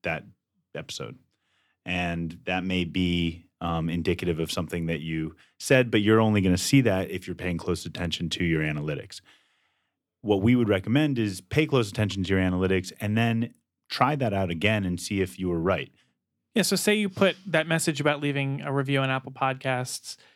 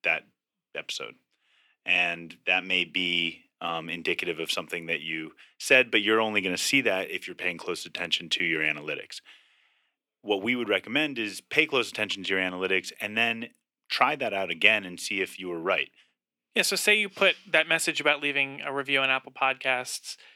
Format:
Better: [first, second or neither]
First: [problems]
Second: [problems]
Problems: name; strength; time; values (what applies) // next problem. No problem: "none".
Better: first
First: none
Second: thin; somewhat; fading below 400 Hz